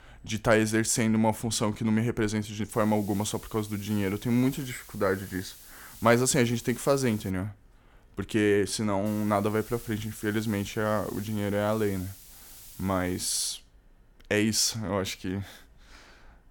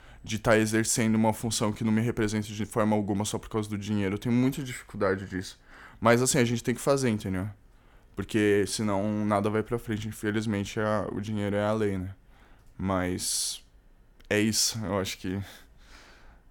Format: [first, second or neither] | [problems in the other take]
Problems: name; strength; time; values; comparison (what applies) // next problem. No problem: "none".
second | hiss; noticeable; from 2.5 to 7.5 s and from 9 to 13 s; 20 dB below the speech